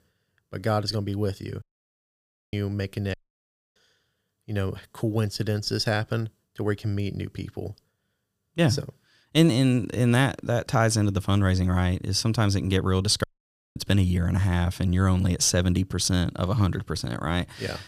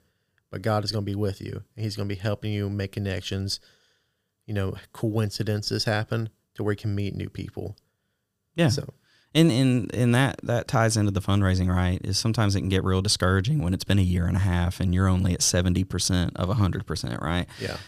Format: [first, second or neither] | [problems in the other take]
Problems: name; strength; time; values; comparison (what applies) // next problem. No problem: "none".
second | audio cutting out; at 1.5 s for 1 s, at 3 s for 0.5 s and at 13 s for 0.5 s